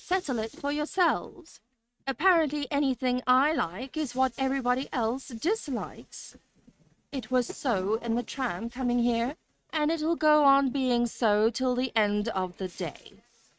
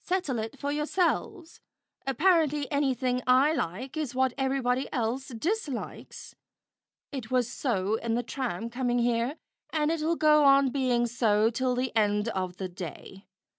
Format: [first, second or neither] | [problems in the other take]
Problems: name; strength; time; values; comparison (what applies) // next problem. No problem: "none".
second | noise reduction (neural mask model RNNoise)